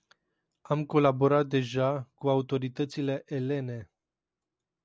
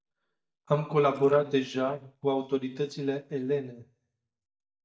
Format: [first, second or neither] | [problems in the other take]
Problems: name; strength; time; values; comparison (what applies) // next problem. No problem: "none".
first | noise reduction (neural mask model DeepFilterNet 3)